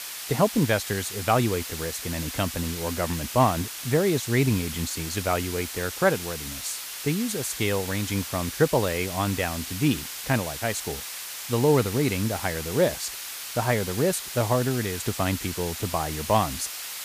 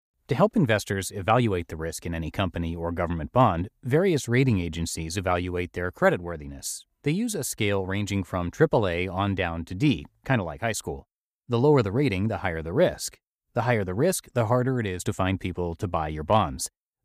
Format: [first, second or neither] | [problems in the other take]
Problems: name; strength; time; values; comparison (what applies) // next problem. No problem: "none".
second | hiss; loud; throughout; 7 dB below the speech